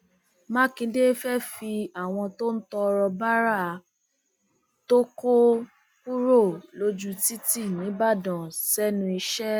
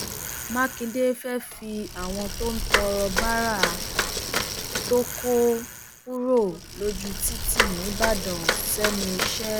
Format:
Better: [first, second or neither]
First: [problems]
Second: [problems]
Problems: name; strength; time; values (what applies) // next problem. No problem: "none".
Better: first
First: none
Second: background sound (Bicycle); 2 dB below the speech